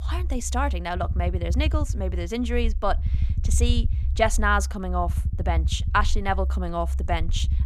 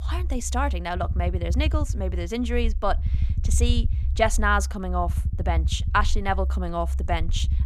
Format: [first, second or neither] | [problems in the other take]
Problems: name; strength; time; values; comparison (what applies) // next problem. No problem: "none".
neither | low rumble; noticeable; throughout; 20 dB below the speech; the same in both